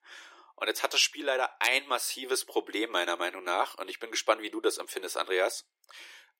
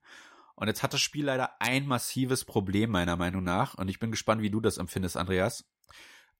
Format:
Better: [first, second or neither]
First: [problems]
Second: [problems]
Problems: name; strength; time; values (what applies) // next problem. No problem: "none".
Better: second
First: thin; very; fading below 350 Hz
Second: none